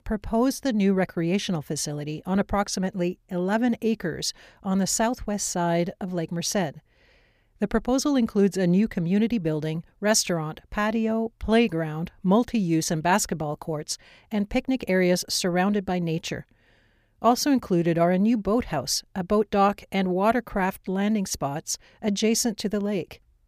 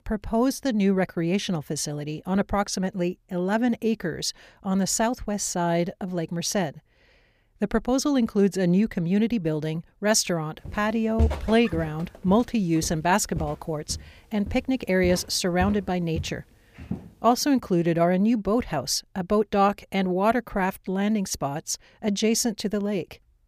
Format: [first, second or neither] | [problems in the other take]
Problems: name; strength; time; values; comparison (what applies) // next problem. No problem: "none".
first | footsteps; noticeable; from 11 to 17 s; peak 1 dB below the speech